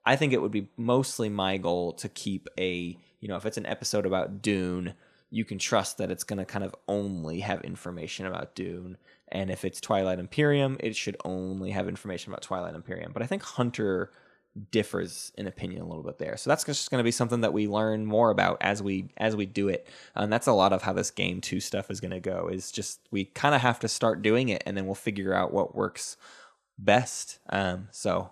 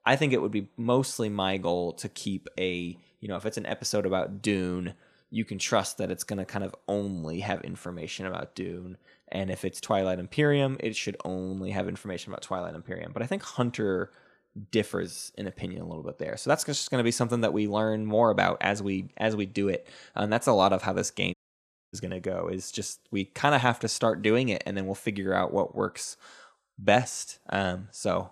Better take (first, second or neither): first